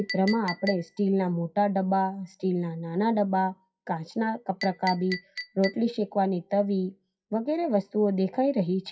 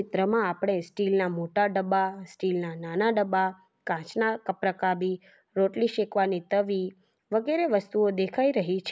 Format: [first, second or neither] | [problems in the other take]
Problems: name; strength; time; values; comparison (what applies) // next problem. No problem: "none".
second | noise reduction (classical method WPE with log-MMSE)